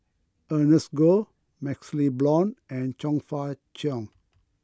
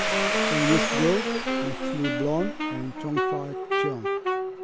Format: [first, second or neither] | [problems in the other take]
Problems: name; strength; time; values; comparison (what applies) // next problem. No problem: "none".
first | background sound (Wind instrument, woodwind instrument + Domestic sounds, home sounds); 3 dB above the speech